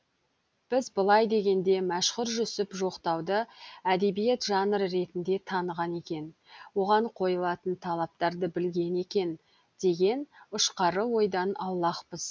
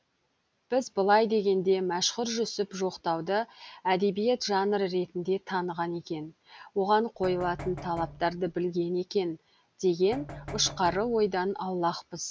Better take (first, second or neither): first